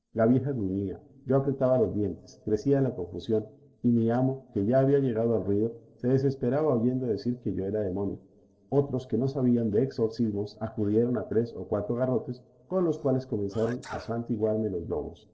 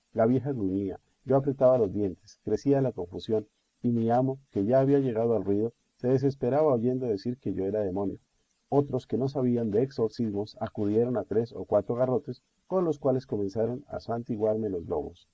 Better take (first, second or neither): second